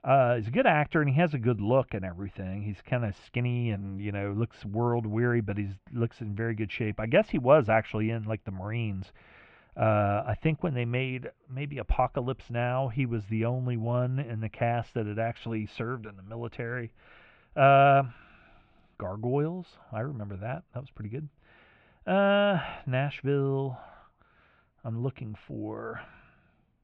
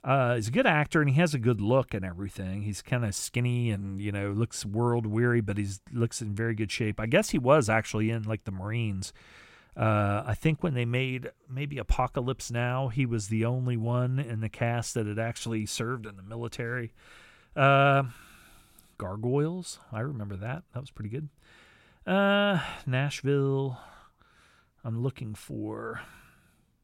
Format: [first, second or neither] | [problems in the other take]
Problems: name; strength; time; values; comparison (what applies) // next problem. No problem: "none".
second | muffled; very; fading above 3 kHz